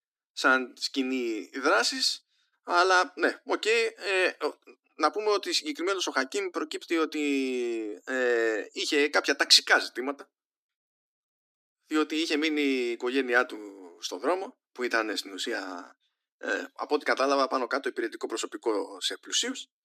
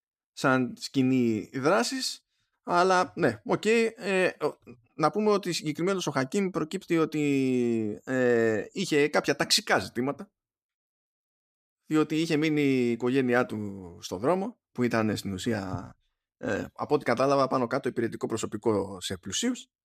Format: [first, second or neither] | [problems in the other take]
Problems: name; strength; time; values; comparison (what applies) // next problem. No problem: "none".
second | thin; very slightly; fading below 250 Hz